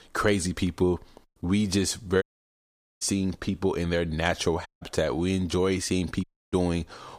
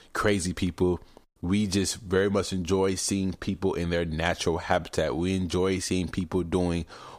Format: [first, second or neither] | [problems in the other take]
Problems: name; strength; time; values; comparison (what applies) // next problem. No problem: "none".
second | audio cutting out; at 2 s for 1 s, at 4.5 s and at 6 s